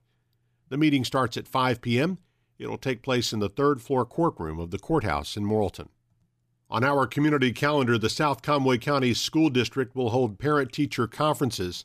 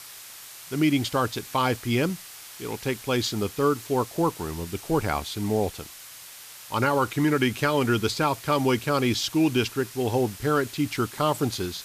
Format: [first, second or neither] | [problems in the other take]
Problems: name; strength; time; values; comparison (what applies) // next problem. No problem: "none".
first | hiss; noticeable; throughout; 15 dB below the speech